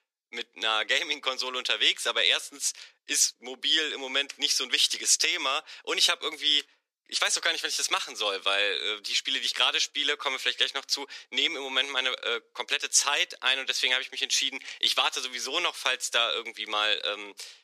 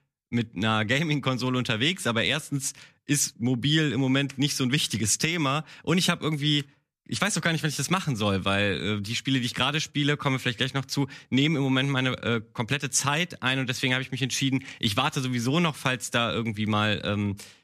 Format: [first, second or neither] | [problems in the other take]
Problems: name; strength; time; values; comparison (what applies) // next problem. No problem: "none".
second | thin; very; fading below 400 Hz